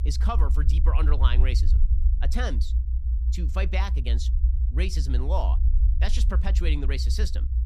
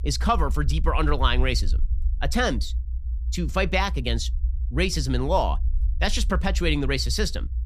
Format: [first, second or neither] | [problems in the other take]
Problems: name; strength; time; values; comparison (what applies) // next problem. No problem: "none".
second | low rumble; loud; throughout; 10 dB below the speech; faint in the second